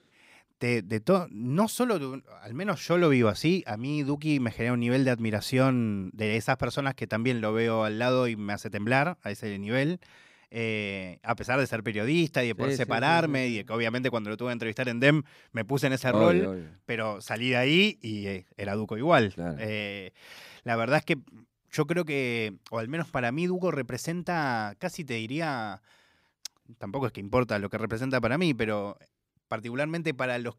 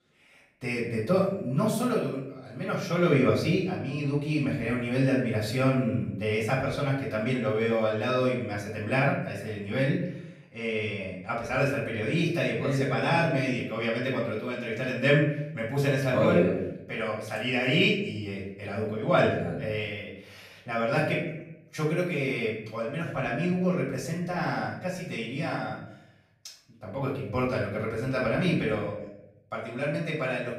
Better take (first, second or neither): first